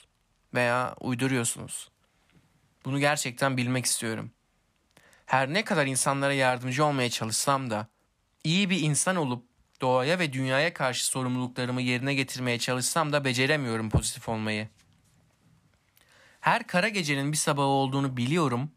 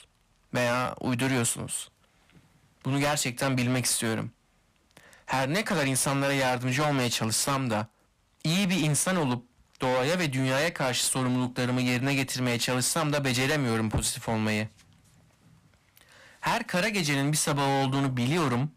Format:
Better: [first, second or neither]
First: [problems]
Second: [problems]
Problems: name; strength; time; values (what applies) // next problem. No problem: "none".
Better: first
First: none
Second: distortion; heavy; 19% of the sound clipped